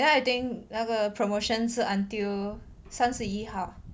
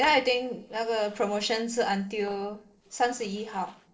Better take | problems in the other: first | noise reduction (neural separator model SepFormer DNS4)

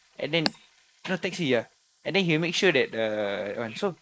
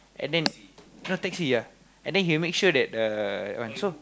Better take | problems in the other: second | noise reduction (neural mask model Resemble Enhance denoiser)

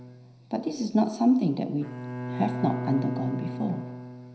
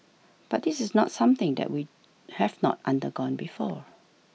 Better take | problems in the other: second | background sound (Bowed string instrument); 7 dB below the speech // room echo; dies away in 0.9 s

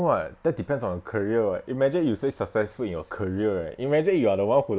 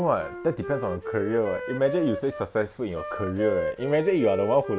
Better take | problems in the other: first | background sound (Wind instrument, woodwind instrument); 8 dB below the speech

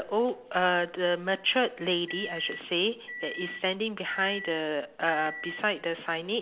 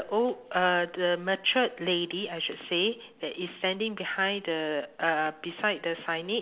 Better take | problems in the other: second | background sound (Microwave oven); 12 dB below the speech

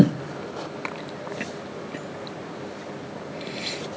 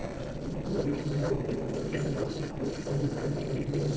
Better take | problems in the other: first | noise reduction (neural separator model SepFormer DNS4)

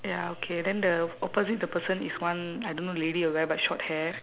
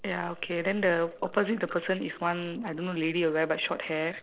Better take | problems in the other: first | noise reduction (neural separator model SepFormer DNS4)

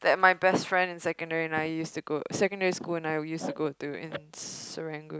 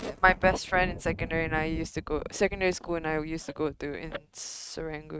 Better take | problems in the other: first | noise reduction (neural mask model RNNoise)

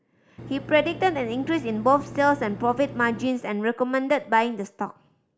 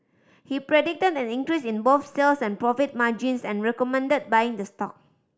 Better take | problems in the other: second | background sound (Engine); 14 dB below the speech

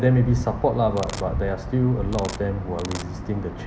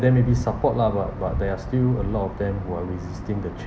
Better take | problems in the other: second | background sound (Domestic sounds, home sounds); 15 dB below the speech

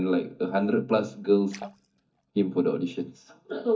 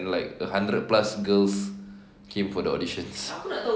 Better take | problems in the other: second | noise reduction (neural mask model DeepFilterNet 3)

